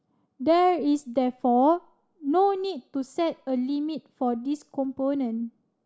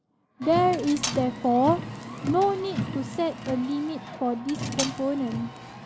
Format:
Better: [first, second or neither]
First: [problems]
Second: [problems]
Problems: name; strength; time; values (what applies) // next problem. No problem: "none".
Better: first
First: none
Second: background sound (Car + Cutlery, silverware); 7 dB below the speech